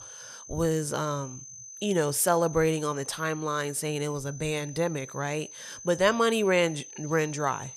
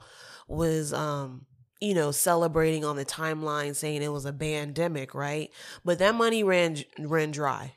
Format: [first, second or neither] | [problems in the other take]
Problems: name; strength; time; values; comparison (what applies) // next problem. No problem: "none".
second | high-pitched whine; noticeable; throughout; 6 kHz, 15 dB below the speech